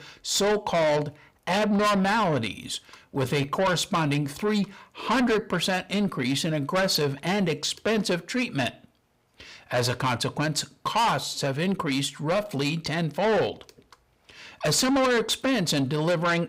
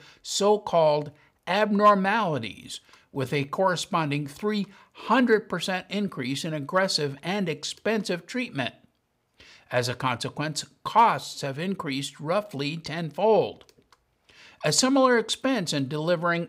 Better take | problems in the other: second | distortion; heavy; 6 dB below the speech

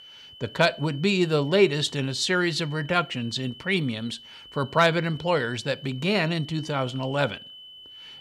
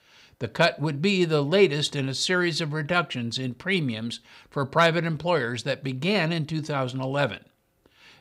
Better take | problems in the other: second | high-pitched whine; noticeable; throughout; 3 kHz, 20 dB below the speech

